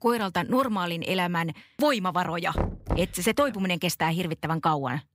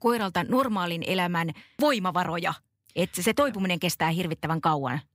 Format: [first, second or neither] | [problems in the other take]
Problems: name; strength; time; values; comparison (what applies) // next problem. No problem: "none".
second | door banging; noticeable; at 2.5 s; peak 3 dB below the speech